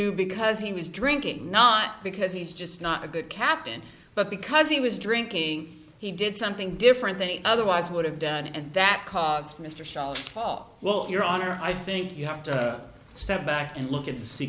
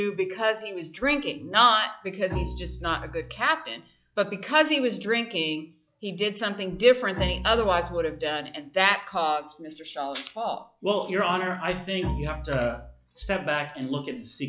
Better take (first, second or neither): first